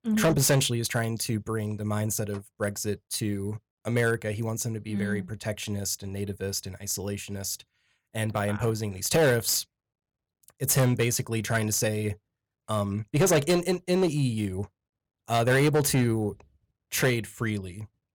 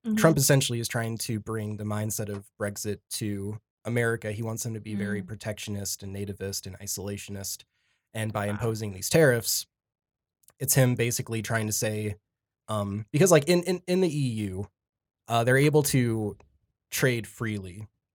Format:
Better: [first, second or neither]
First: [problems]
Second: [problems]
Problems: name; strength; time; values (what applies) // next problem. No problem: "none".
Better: second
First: distortion; slight; 4% of the sound clipped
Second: none